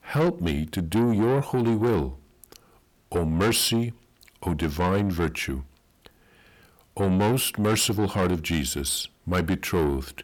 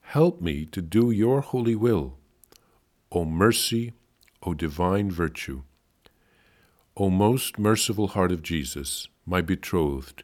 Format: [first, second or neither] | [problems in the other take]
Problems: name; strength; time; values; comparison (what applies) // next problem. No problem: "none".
second | distortion; heavy; 7 dB below the speech